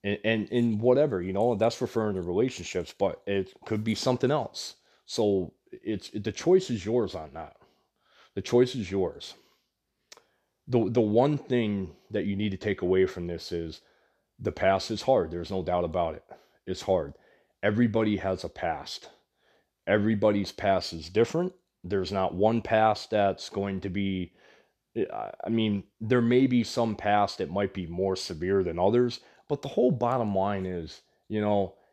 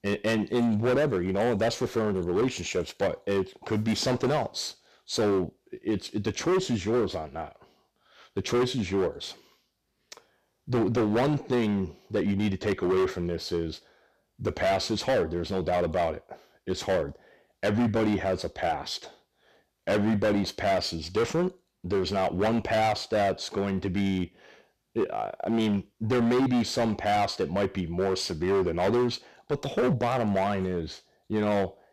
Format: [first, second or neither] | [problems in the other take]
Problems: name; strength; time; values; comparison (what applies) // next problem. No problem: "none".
first | distortion; heavy; 12% of the sound clipped